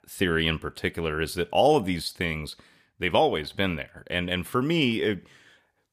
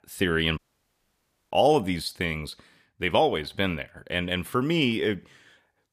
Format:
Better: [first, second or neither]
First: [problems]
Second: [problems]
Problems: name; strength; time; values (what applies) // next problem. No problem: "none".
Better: first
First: none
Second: audio cutting out; at 0.5 s for 1 s